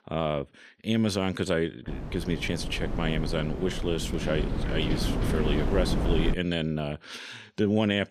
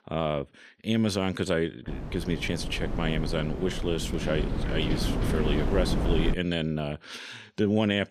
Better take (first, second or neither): neither